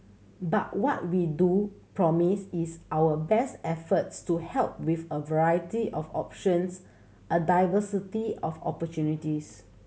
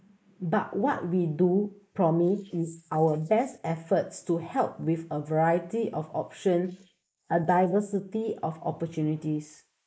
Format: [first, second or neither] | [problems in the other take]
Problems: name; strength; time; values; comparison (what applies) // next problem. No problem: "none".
first | noise reduction (neural mask model Resemble Enhance denoiser)